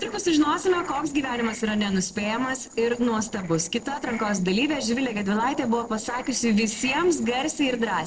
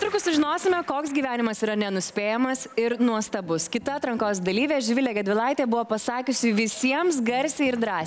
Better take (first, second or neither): second